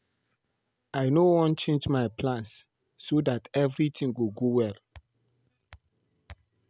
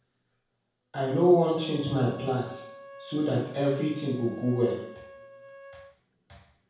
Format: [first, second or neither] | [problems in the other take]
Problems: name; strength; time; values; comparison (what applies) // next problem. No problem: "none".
first | background sound (Wind instrument, woodwind instrument); 19 dB below the speech // room echo; dies away in 0.6 s